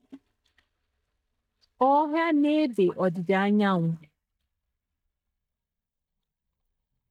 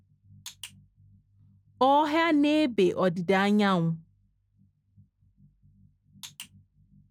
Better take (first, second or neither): second